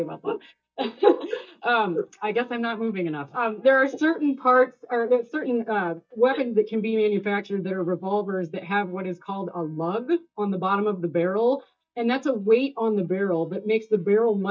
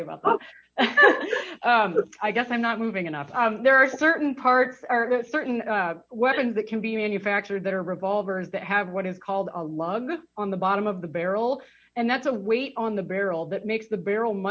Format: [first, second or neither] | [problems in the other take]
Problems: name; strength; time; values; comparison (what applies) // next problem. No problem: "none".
second | noise reduction (neural mask model DeepFilterNet 3)